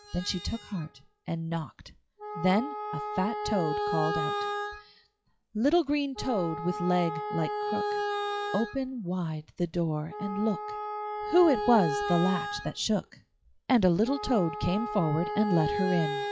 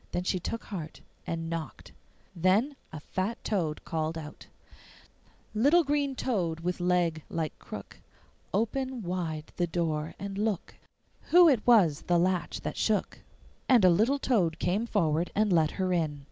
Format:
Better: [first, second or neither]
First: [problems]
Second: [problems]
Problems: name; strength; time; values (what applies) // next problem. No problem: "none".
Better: second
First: noise reduction (classical method log-MMSE)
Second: none